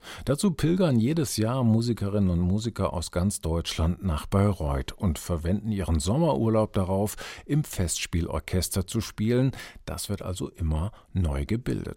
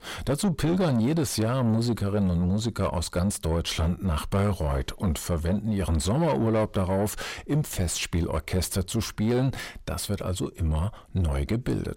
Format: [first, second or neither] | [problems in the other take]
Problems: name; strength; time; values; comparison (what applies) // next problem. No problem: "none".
first | distortion; slight; 10 dB below the speech